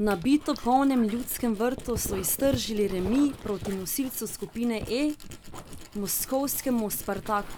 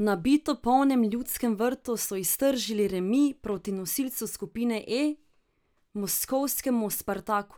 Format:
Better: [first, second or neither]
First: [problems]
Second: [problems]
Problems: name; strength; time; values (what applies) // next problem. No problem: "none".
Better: second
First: background sound (Dog + Tools); 12 dB below the speech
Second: none